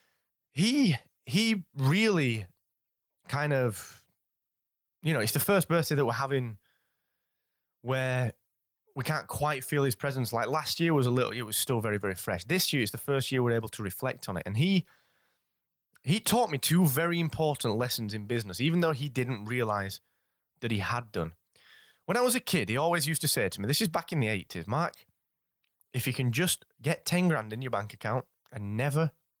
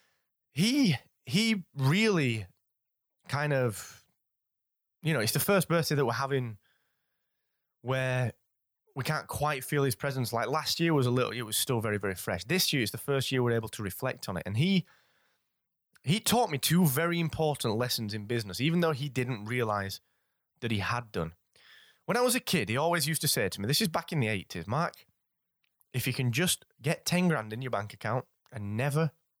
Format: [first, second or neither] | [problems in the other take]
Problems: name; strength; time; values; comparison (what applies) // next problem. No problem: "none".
second | garbled, watery; slightly